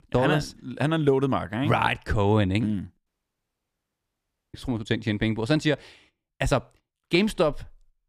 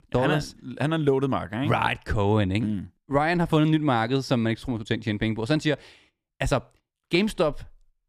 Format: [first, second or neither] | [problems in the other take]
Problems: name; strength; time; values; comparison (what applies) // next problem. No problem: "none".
second | audio cutting out; at 3 s for 1.5 s